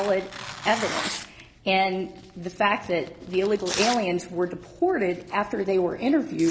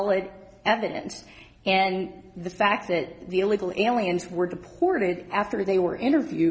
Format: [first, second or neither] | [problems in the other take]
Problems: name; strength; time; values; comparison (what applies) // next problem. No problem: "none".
second | background sound (Tearing); 12 dB below the speech